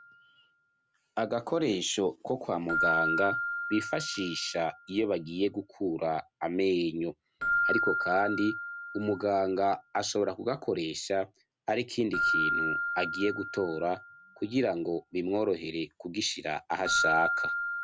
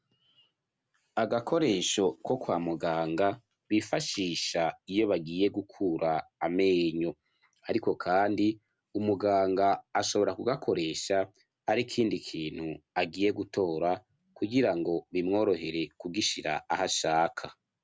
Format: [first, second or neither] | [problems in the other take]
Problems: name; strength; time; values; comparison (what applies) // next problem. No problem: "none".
second | background sound (Keyboard (musical)); 3 dB below the speech